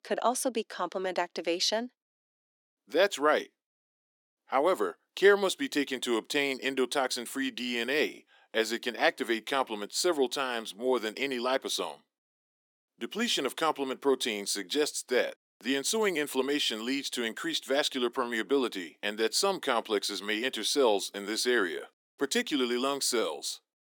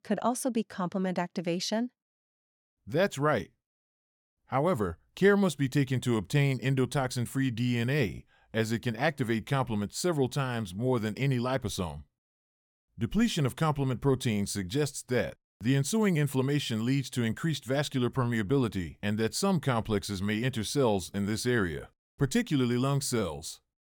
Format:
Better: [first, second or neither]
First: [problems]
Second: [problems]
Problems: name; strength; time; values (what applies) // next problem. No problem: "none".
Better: second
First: thin; somewhat; fading below 300 Hz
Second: none